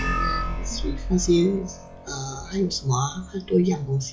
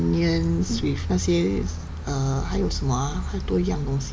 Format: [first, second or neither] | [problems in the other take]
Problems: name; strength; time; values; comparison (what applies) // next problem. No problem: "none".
second | noise reduction (classical method log-MMSE)